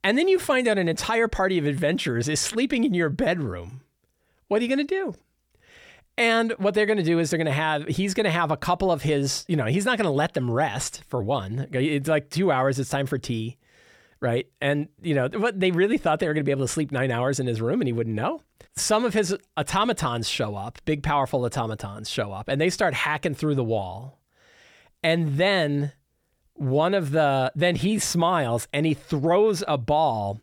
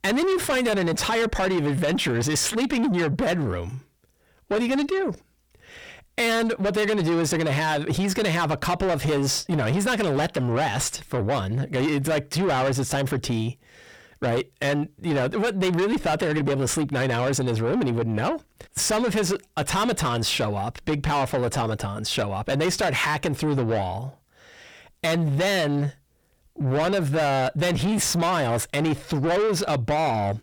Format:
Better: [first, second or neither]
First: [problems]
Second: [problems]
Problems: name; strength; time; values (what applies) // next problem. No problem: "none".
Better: first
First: none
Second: distortion; heavy; 8 dB below the speech